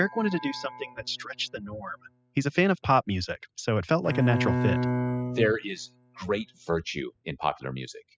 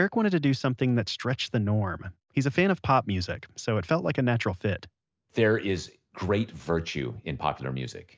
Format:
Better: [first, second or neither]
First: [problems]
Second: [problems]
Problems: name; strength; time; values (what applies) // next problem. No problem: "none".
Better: second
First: noise reduction (classical method spectral subtraction)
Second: none